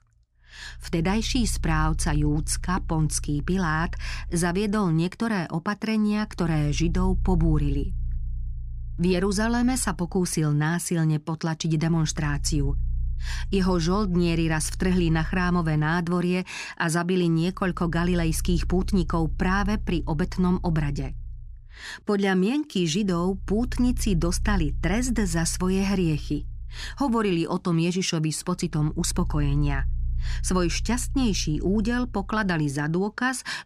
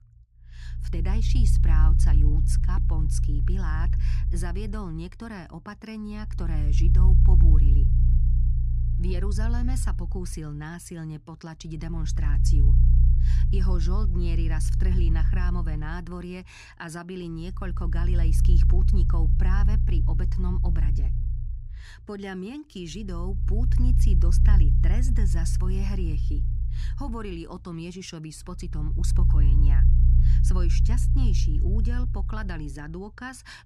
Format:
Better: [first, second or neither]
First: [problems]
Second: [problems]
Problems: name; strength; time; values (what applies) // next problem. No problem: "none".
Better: first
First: low rumble; faint; throughout; 25 dB below the speech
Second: low rumble; loud; throughout; 3 dB below the speech